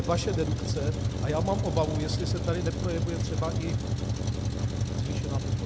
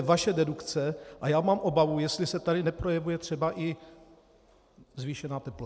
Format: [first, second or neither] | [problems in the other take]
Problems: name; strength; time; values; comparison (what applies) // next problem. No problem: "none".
second | background sound (Truck); 4 dB above the speech